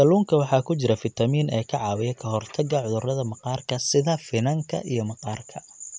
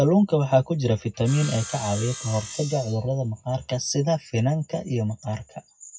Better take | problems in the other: first | noise reduction (classical method WPE with log-MMSE)

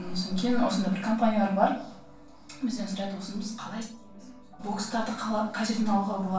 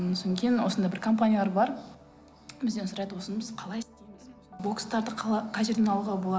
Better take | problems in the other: second | room echo; dies away in 0.3 s

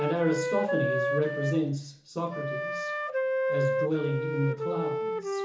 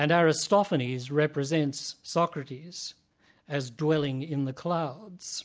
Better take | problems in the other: second | background sound (Wind instrument, woodwind instrument); as loud as the speech // room echo; dies away in 0.7 s

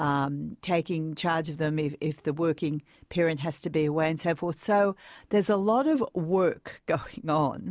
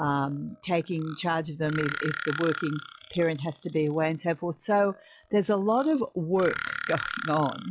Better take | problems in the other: first | noise reduction (classical method log-MMSE)

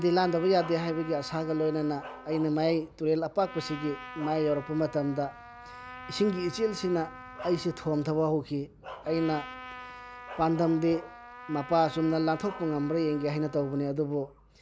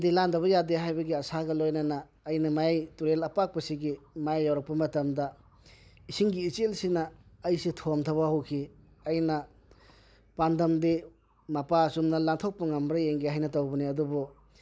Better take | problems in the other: second | background sound (Trumpet + Bark); 15 dB below the speech

